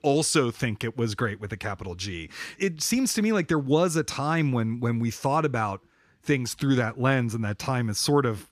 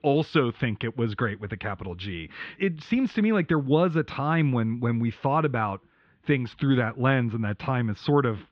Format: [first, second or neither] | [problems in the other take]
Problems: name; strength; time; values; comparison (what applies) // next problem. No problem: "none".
first | muffled; very; fading above 3.5 kHz